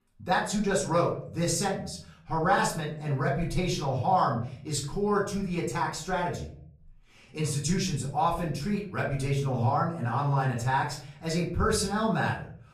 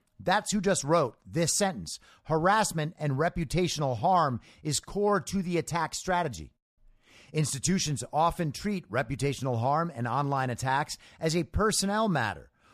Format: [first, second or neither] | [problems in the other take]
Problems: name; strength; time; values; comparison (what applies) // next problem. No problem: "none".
second | off-mic speech; far // room echo; slight; dies away in 0.5 s